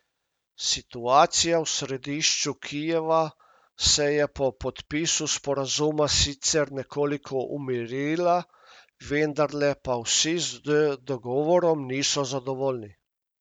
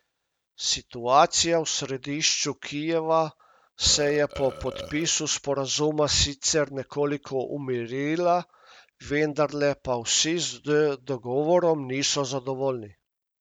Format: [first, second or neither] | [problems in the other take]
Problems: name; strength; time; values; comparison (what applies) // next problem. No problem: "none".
first | background sound (Burping, eructation); 15 dB below the speech